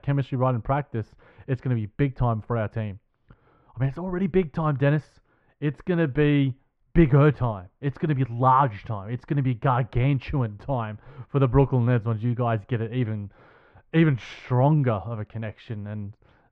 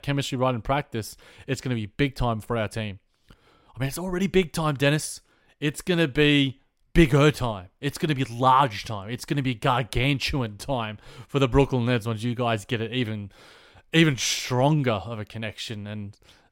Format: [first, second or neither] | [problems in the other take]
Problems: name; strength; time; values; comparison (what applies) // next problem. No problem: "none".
second | muffled; very; fading above 1.5 kHz